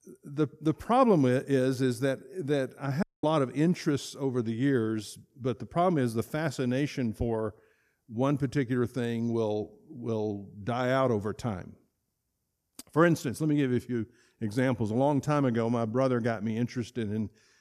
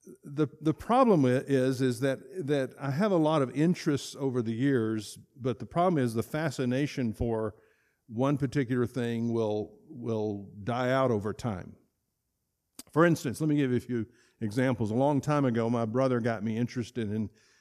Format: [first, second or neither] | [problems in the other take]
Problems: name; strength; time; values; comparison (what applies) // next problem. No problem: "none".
second | audio cutting out; at 3 s